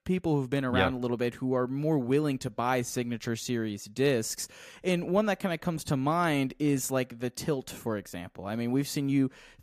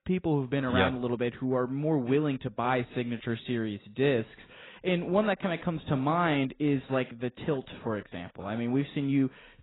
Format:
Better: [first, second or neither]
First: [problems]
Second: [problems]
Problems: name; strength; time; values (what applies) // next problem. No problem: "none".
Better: first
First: none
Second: garbled, watery; badly; nothing above 4 kHz